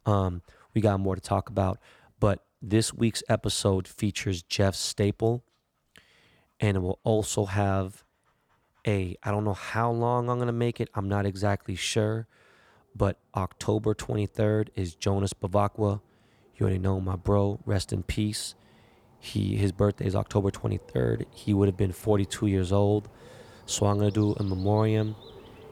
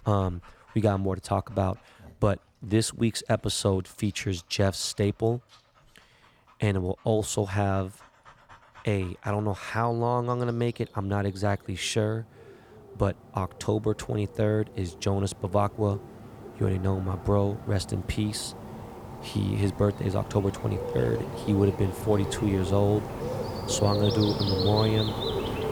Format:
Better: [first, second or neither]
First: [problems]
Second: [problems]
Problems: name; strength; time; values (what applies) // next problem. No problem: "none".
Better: first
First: animal sounds; faint; throughout; 25 dB below the speech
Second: animal sounds; loud; throughout; 7 dB below the speech